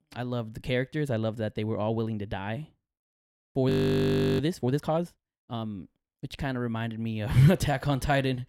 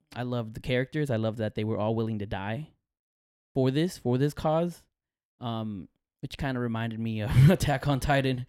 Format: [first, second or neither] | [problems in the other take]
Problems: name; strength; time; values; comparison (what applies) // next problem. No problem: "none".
second | audio freezing; at 3.5 s for 0.5 s